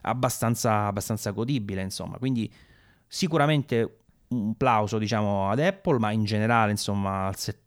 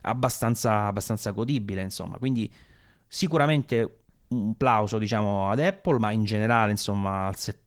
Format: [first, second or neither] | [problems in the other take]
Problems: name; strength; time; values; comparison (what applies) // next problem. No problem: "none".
first | garbled, watery; slightly